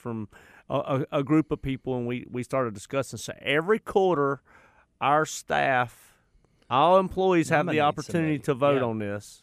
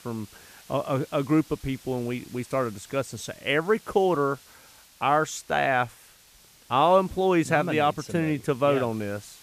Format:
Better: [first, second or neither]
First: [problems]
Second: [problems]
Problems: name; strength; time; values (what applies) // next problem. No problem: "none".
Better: first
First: none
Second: hiss; faint; throughout; 25 dB below the speech